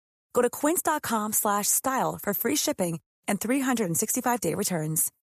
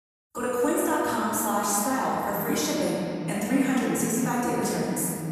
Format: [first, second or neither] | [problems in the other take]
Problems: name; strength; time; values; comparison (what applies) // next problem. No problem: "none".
first | off-mic speech; far // room echo; strong; dies away in 2.7 s